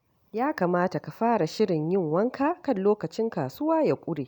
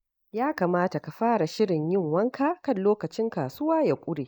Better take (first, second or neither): first